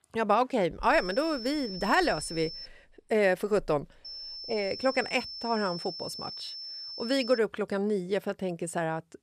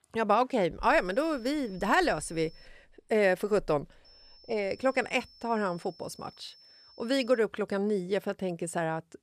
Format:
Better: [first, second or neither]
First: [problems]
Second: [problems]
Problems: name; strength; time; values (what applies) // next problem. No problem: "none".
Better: second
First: high-pitched whine; loud; from 1 to 2.5 s and from 4 to 7.5 s; 5.5 kHz, 10 dB below the speech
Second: high-pitched whine; faint; from 1 to 2.5 s and from 4 to 7.5 s; 5.5 kHz, 25 dB below the speech